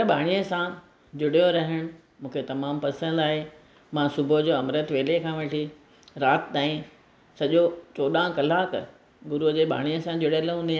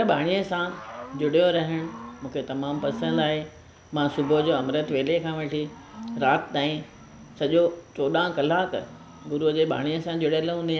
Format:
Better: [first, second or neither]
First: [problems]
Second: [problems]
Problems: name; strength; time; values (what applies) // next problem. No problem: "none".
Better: first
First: none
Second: background sound (Cricket / Growling); 15 dB below the speech